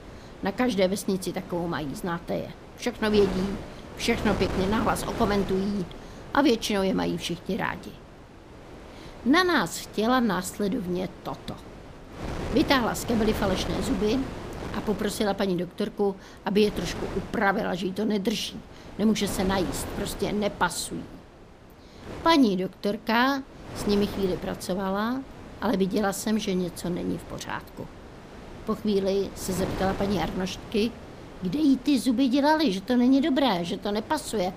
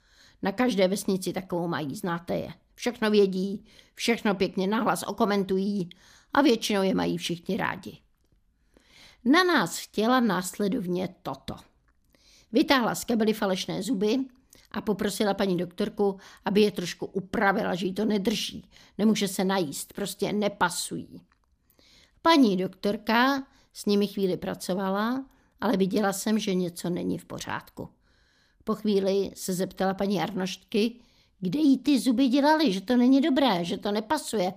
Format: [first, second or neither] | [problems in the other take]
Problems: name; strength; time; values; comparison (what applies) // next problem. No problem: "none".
second | wind noise on the microphone; occasional gusts; 15 dB below the speech